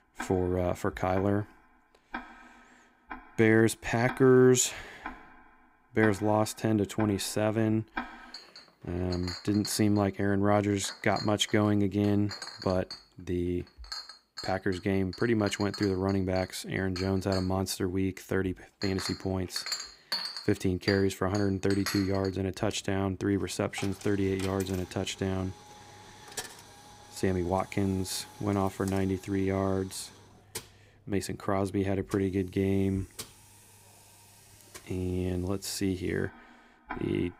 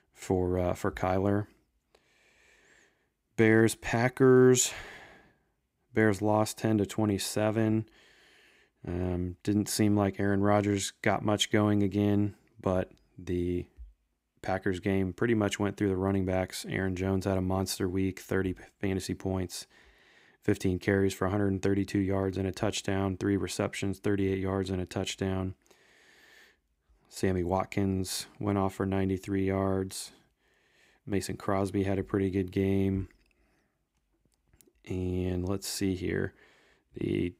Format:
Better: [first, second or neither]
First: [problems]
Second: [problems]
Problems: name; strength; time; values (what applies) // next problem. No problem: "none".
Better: second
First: household noises; noticeable; throughout; 15 dB below the speech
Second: none